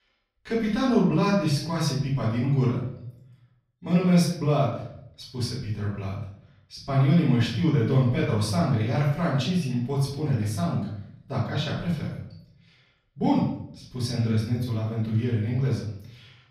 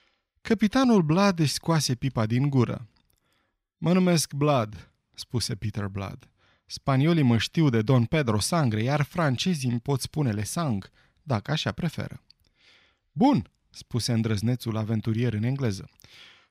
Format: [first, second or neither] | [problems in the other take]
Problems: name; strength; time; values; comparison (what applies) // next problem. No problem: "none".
second | off-mic speech; far // room echo; noticeable; dies away in 0.7 s